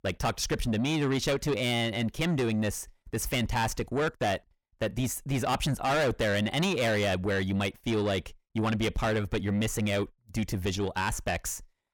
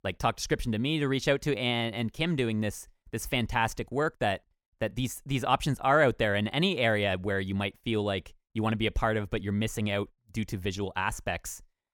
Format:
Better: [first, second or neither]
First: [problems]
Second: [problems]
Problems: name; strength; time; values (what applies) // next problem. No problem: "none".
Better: second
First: distortion; heavy; 7 dB below the speech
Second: none